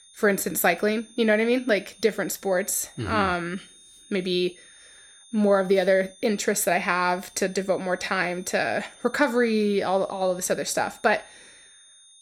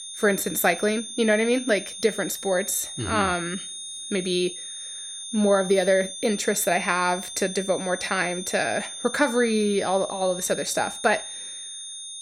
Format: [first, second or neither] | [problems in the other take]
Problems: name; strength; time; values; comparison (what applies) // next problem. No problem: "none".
first | high-pitched whine; loud; throughout; 3.5 kHz, 9 dB below the speech; faint in the first